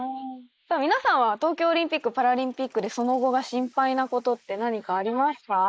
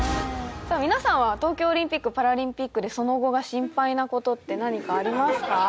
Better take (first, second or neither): second